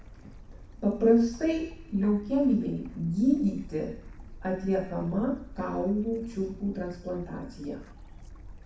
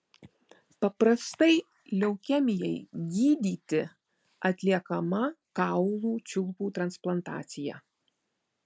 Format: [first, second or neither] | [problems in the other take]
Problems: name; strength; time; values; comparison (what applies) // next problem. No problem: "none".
second | background sound (Stream / Bird); 16 dB below the speech // room echo; dies away in 0.6 s